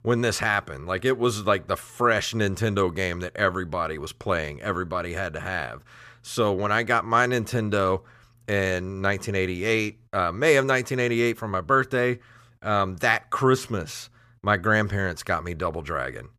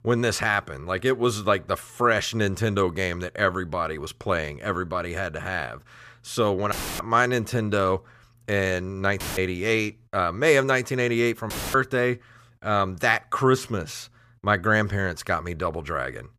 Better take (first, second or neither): first